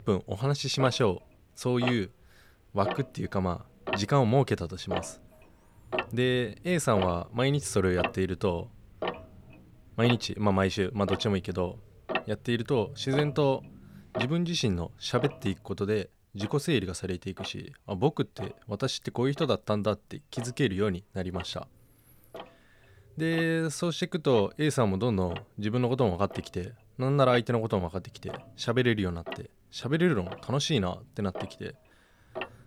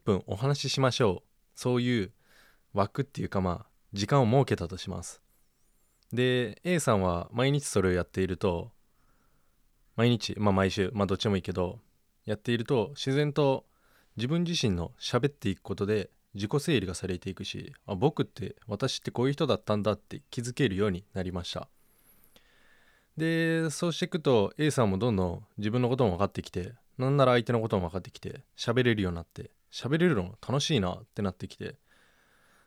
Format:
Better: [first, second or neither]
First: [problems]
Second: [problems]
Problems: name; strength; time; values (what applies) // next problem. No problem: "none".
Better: second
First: household noises; noticeable; throughout; 10 dB below the speech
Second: none